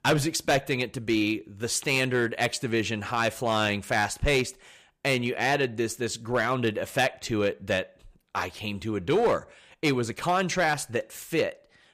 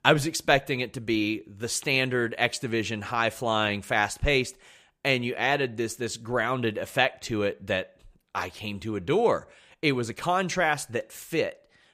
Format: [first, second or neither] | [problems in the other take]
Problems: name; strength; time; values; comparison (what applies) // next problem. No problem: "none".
second | distortion; slight; 3% of the sound clipped